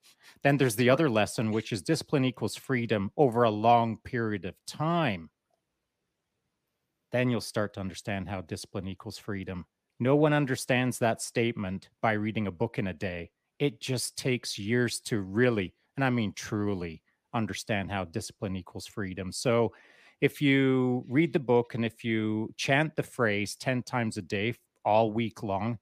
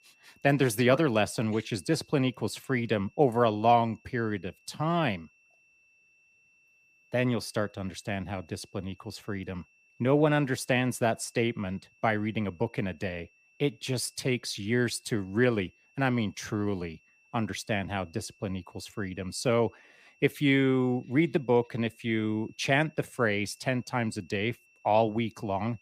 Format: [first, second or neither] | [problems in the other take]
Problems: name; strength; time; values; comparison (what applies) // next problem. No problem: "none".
first | high-pitched whine; faint; throughout; 2.5 kHz, 35 dB below the speech